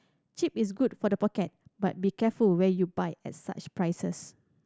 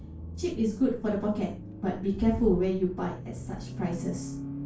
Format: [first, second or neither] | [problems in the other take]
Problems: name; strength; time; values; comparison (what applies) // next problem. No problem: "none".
first | background sound (Accelerating, revving, vroom); 9 dB below the speech // room echo; dies away in 0.3 s